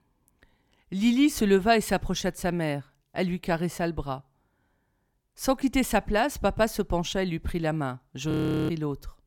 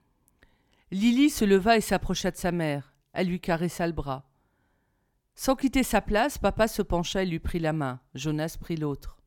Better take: second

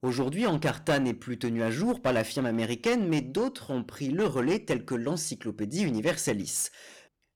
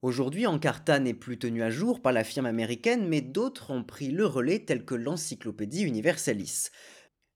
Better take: second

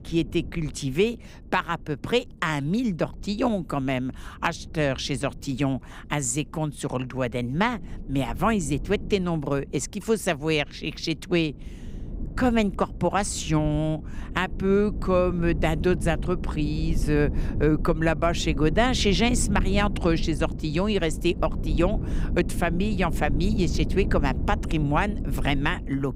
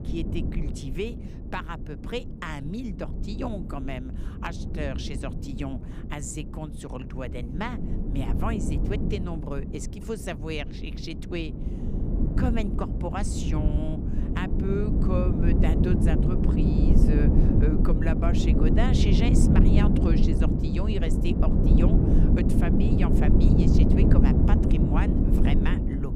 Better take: first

